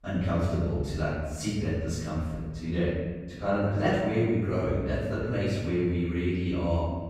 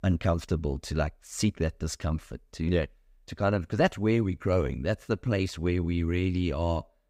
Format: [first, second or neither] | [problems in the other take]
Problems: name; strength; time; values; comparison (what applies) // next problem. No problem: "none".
second | room echo; strong; dies away in 1.3 s // off-mic speech; far